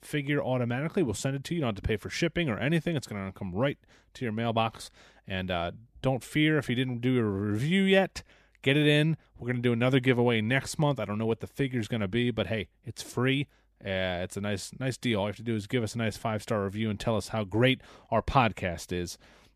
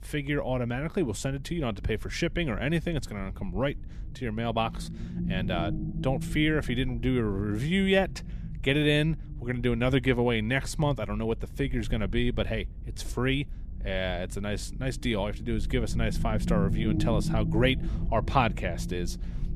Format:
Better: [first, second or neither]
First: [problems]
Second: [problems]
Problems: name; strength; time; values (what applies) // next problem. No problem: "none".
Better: first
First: none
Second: low rumble; noticeable; throughout; 15 dB below the speech